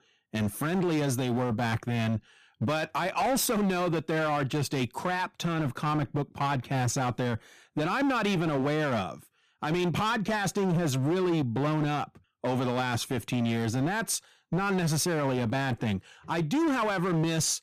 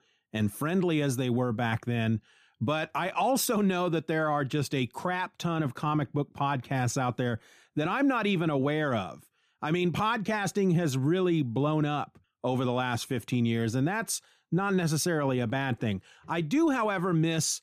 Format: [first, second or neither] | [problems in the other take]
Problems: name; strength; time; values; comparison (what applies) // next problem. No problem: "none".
second | distortion; slight; 18% of the sound clipped